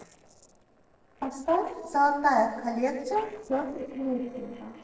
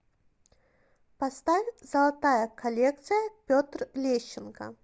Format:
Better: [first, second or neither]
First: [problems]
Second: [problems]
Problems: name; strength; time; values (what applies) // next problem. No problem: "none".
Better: second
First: noise reduction (neural separator model SepFormer DNS4)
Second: none